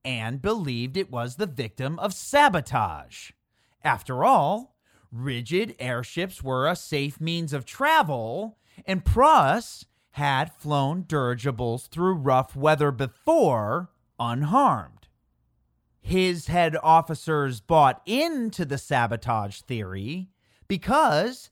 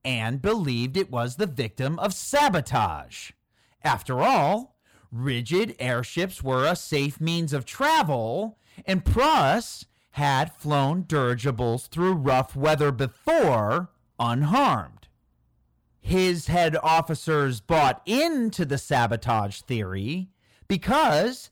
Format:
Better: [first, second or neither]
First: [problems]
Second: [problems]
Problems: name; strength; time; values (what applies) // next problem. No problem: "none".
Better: first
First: none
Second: distortion; heavy; 8% of the sound clipped